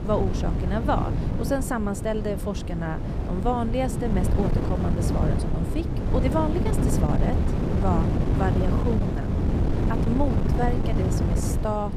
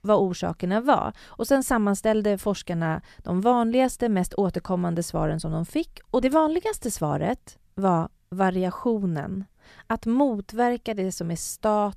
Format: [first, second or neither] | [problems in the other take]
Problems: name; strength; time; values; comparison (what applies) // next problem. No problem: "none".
second | wind noise on the microphone; heavy; 3 dB below the speech